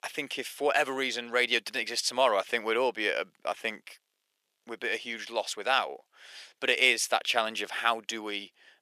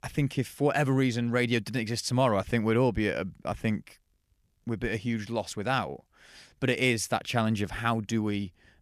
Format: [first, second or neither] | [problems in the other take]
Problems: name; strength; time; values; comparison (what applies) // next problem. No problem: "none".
second | thin; very; fading below 450 Hz